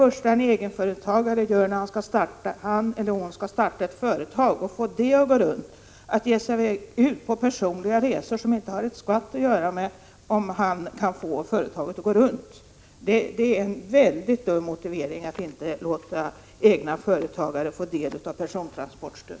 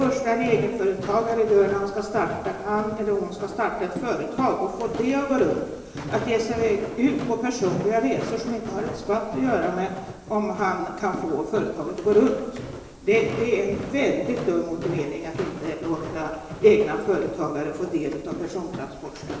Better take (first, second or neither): first